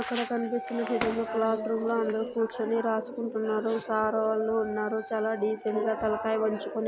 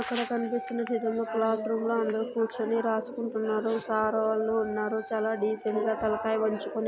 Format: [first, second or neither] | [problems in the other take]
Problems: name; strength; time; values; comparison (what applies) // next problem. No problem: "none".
second | background sound (Shatter); 14 dB below the speech